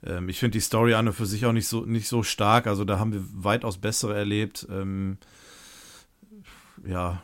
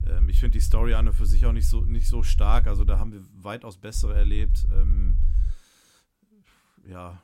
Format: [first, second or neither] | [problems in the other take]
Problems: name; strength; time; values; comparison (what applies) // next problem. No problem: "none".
first | low rumble; noticeable; until 3 s and from 4 to 5.5 s; 10 dB below the speech